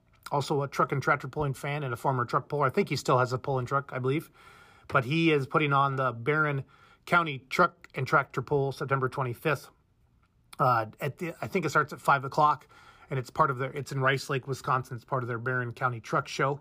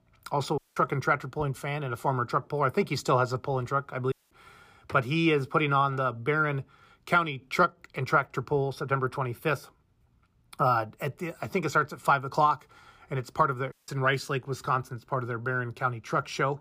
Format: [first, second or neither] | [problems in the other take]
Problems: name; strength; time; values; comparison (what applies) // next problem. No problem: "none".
first | audio cutting out; at 0.5 s, at 4 s and at 14 s